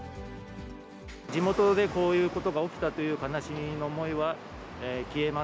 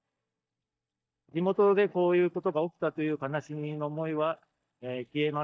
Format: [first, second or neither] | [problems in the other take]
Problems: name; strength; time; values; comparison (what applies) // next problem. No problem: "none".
first | noise reduction (neural mask model DeepFilterNet 3)